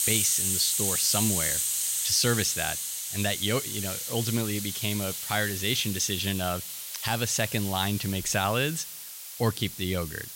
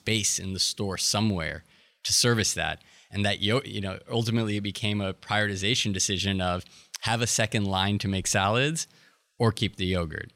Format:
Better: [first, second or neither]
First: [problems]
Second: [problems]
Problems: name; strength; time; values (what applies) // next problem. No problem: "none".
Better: second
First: hiss; loud; throughout; 1 dB below the speech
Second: none